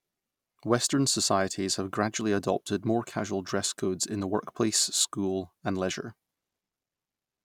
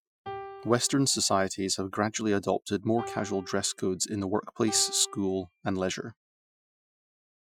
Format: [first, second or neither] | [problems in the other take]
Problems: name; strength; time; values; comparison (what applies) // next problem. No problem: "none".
first | noise reduction (classical method Wiener filter)